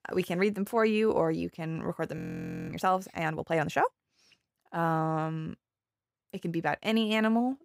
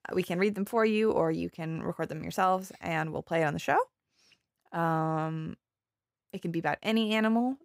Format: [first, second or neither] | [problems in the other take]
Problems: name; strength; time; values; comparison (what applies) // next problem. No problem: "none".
second | audio freezing; at 2 s for 0.5 s